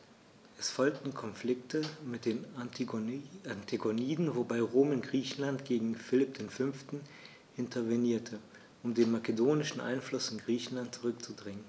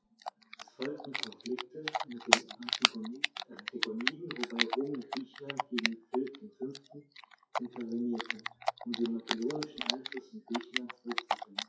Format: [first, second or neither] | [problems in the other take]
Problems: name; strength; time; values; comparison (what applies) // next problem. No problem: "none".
first | noise reduction (classical method WPE with log-MMSE)